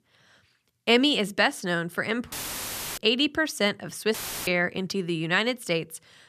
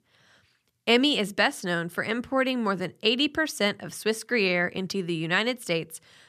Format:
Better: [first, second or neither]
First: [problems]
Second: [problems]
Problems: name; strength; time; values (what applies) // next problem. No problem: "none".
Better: second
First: audio cutting out; filled with static; at 2.5 s for 0.5 s and at 4 s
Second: none